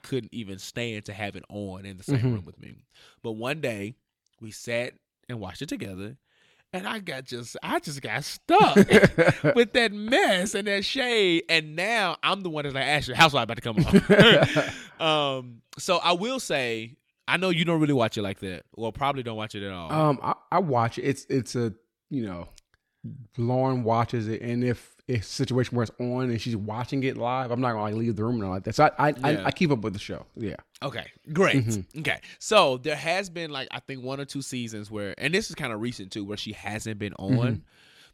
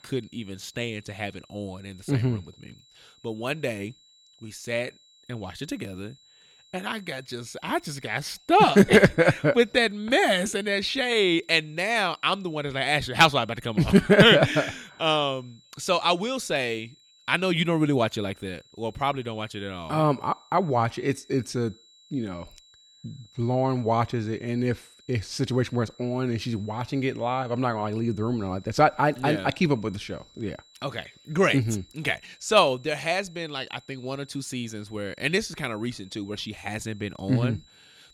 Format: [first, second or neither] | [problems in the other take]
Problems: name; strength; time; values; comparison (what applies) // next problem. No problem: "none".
first | high-pitched whine; faint; throughout; 4 kHz, 30 dB below the speech